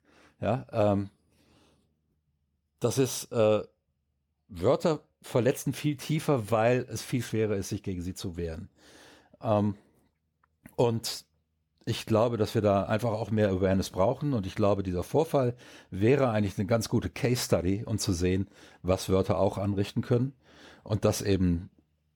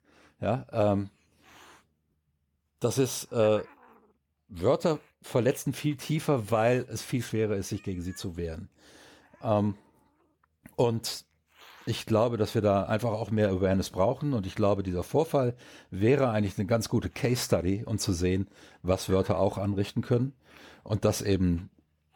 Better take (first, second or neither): first